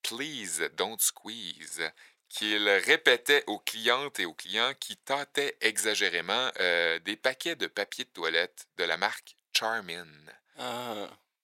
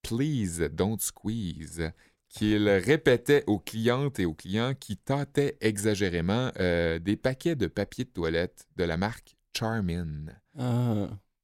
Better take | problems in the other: second | thin; very; fading below 750 Hz

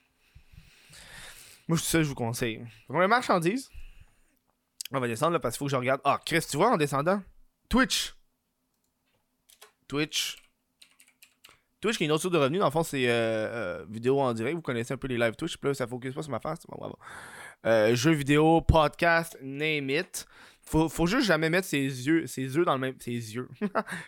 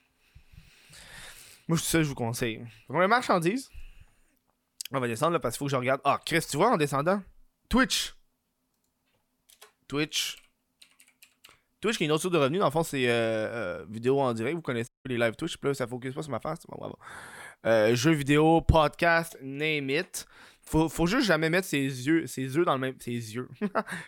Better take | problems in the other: first | audio cutting out; at 15 s

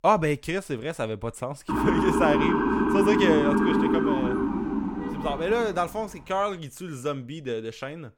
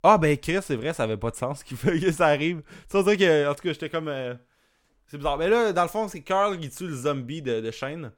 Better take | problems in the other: second | siren; loud; from 1.5 to 5.5 s; peak 6 dB above the speech

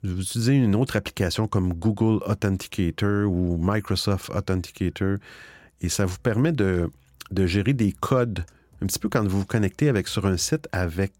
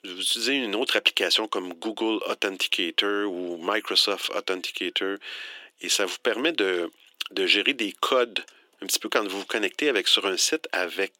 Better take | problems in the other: first | thin; very; fading below 300 Hz

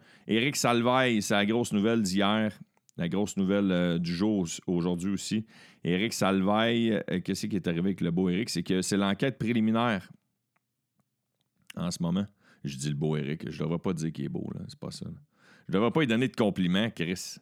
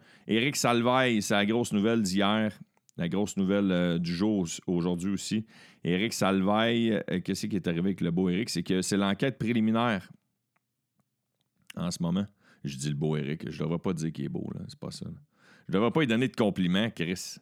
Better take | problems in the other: neither | none

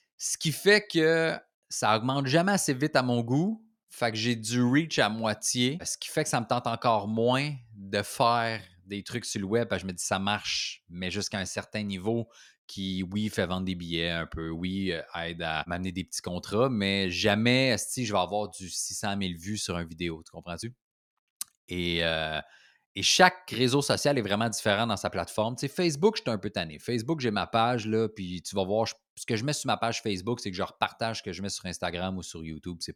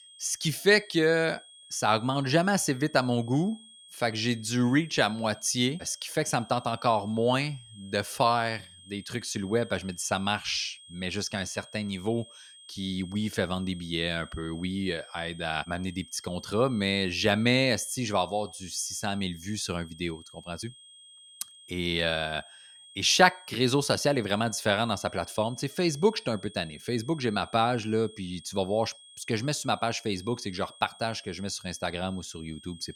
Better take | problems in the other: first | high-pitched whine; faint; throughout; 3.5 kHz, 20 dB below the speech

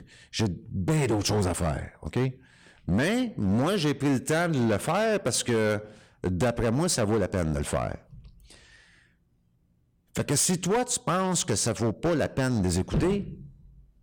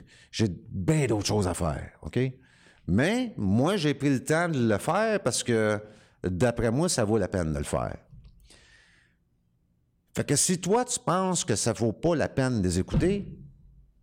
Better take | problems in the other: second | distortion; slight; 10% of the sound clipped

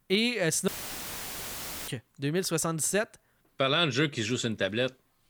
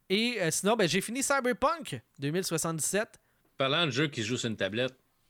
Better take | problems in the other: second | audio cutting out; filled with static; at 0.5 s for 1 s

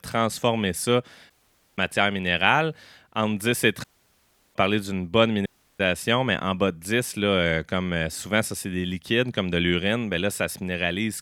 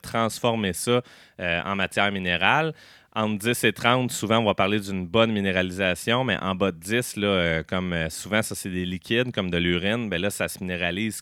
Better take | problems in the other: second | audio cutting out; at 1.5 s, at 4 s for 0.5 s and at 5.5 s

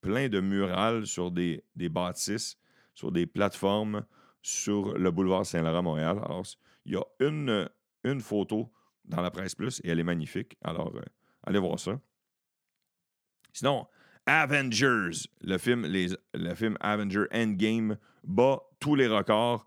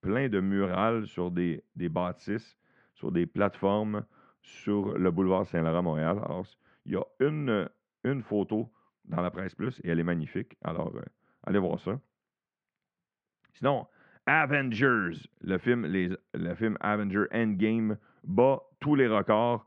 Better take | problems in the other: first | muffled; very; fading above 2.5 kHz

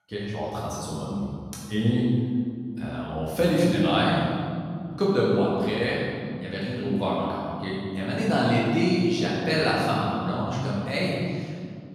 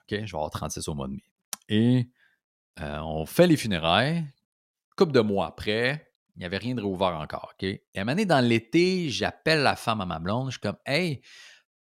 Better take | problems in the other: second | off-mic speech; far // room echo; strong; dies away in 2.2 s

